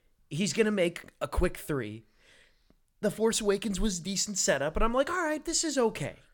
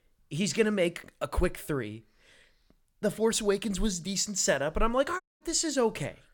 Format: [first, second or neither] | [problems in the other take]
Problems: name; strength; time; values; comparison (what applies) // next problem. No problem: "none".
first | audio cutting out; at 5 s